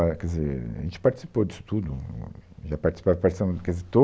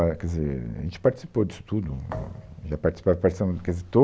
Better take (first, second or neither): first